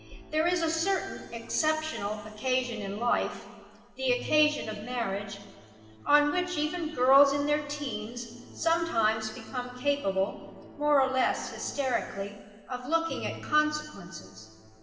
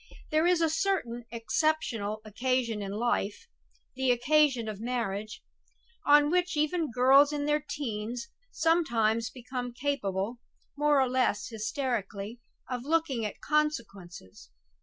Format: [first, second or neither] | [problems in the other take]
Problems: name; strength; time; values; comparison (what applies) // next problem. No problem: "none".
second | background sound (Musical instrument); 20 dB below the speech // room echo; dies away in 2 s